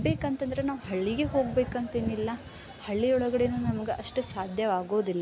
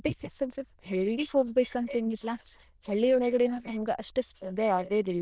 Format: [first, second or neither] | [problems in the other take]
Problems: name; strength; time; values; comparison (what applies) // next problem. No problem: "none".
first | noise reduction (neural diffusion model UNIVERSE++)